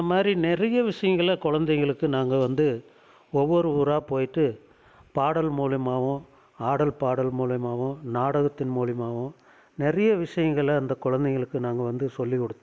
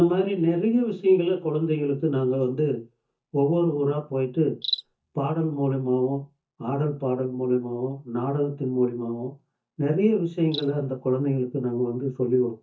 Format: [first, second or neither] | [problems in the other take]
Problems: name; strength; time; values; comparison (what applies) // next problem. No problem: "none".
first | noise reduction (neural mask model DeepFilterNet 3)